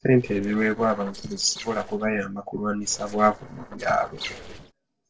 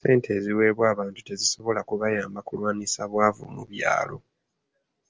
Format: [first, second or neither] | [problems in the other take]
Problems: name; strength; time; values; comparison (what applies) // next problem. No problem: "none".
second | noise reduction (neural separator model SepFormer DNS4)